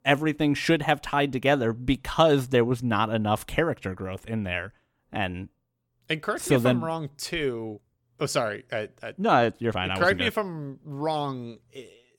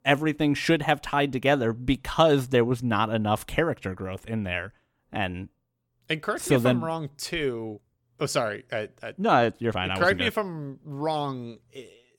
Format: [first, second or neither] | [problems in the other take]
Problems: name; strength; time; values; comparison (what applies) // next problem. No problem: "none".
neither | none